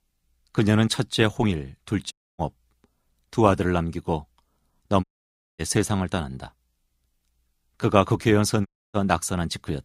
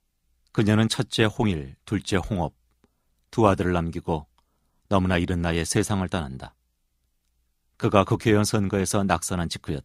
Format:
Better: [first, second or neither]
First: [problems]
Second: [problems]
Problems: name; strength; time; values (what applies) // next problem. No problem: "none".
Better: second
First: audio cutting out; at 2 s, at 5 s for 0.5 s and at 8.5 s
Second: none